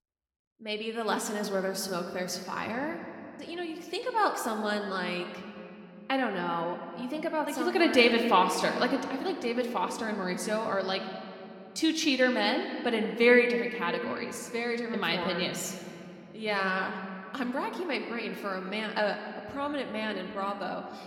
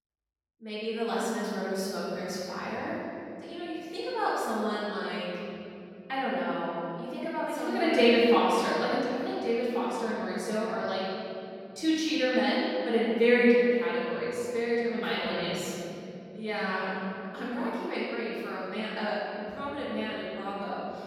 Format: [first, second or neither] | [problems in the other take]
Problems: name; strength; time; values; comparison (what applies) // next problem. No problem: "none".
first | room echo; strong; dies away in 3 s; slight in the first // off-mic speech; far